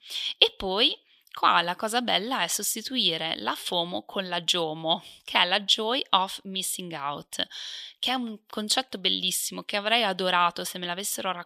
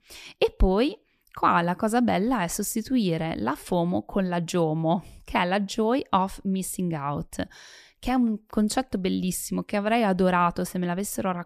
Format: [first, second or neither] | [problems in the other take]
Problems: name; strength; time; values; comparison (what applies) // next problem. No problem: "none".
second | thin; somewhat; fading below 950 Hz